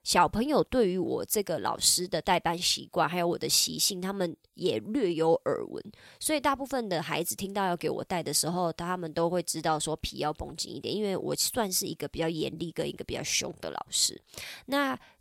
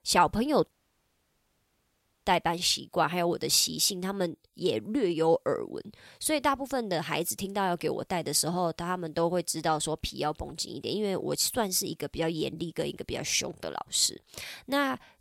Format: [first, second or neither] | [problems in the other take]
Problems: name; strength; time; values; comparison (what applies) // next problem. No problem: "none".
first | audio cutting out; at 0.5 s for 1.5 s